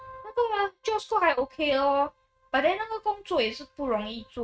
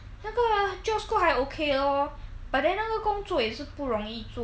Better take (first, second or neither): second